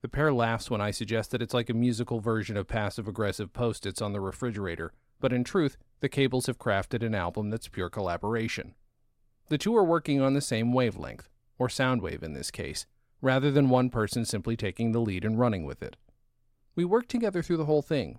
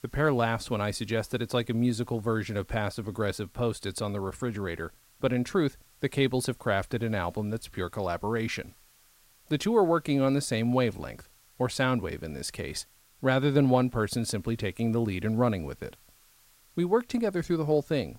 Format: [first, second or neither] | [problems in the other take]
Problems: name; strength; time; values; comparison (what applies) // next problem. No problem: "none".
first | hiss; faint; throughout; 30 dB below the speech